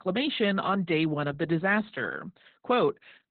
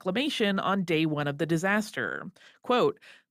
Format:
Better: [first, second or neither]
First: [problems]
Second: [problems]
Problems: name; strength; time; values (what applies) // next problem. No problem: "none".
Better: second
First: garbled, watery; badly; nothing above 4 kHz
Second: none